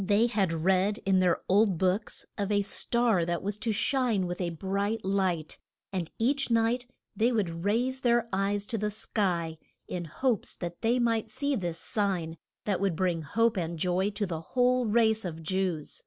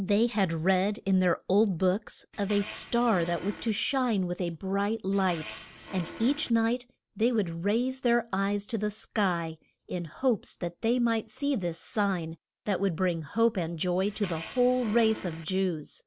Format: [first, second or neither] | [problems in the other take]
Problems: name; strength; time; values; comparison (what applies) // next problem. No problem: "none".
first | background sound (Fart); 15 dB below the speech